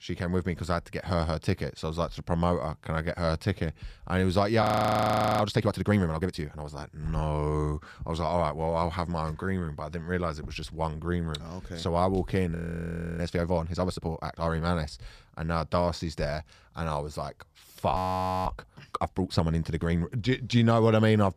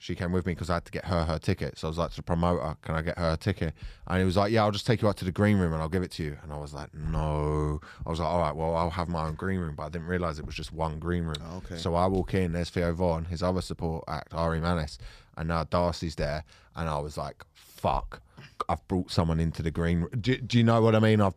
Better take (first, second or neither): second